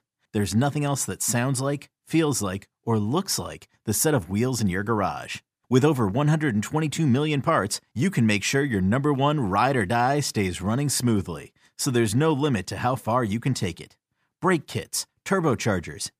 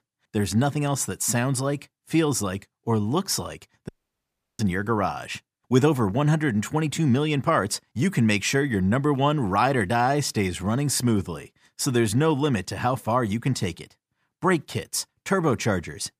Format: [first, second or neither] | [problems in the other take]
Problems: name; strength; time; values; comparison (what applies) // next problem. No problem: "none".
first | audio cutting out; at 4 s for 0.5 s